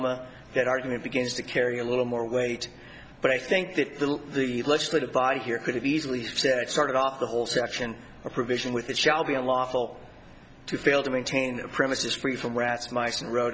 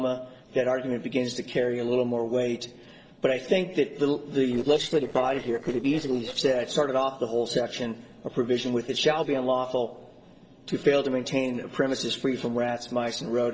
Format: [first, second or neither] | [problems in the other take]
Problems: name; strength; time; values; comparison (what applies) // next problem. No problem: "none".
first | noise reduction (neural separator model SepFormer DNS4)